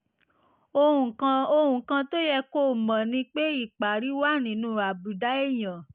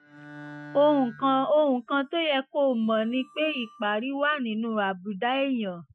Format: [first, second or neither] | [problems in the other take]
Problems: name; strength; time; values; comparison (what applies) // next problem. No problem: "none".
first | noise reduction (classical method Wiener filter)